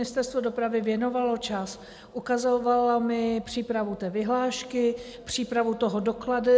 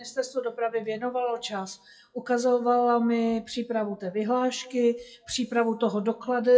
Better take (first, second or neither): first